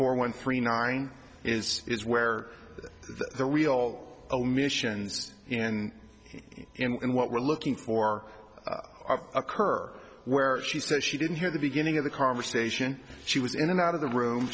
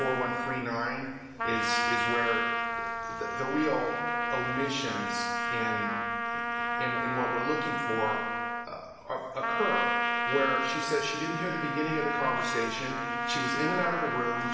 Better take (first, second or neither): first